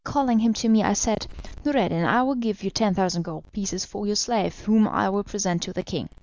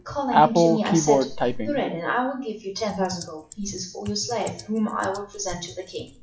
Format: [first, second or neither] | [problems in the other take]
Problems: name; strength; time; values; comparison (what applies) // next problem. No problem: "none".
first | noise reduction (classical method WPE with log-MMSE)